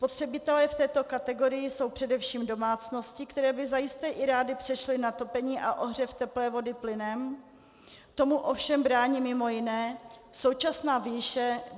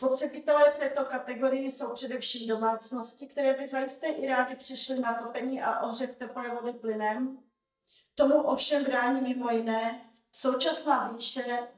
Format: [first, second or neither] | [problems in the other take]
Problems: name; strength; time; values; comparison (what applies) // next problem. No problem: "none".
first | noise reduction (neural mask model DeepFilterNet 3)